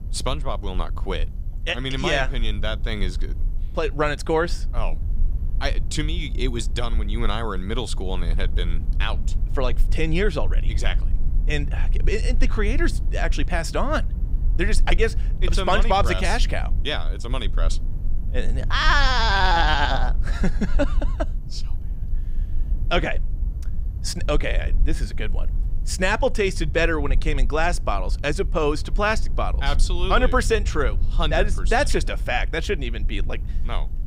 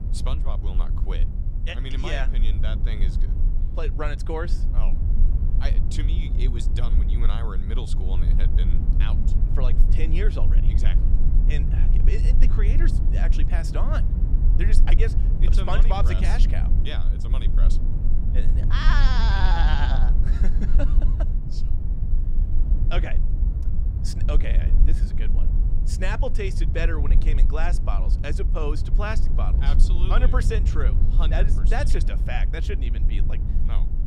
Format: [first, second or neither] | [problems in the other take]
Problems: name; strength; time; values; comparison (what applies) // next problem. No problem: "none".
first | low rumble; loud; throughout; 8 dB below the speech; faint in the first